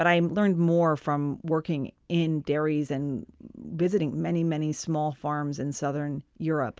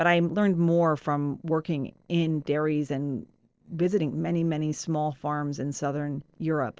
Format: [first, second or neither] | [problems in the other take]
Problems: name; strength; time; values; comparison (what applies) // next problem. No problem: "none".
first | noise reduction (neural separator model SepFormer DNS4)